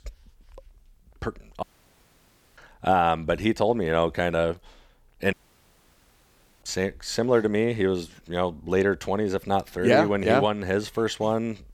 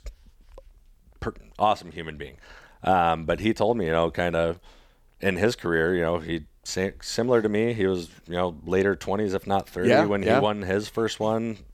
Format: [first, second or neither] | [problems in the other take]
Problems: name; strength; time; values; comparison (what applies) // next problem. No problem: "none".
second | audio cutting out; at 1.5 s for 1 s and at 5.5 s for 1.5 s